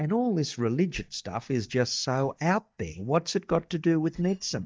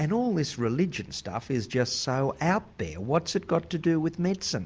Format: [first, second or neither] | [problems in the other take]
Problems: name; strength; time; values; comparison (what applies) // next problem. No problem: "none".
second | noise reduction (neural mask model DeepFilterNet 3)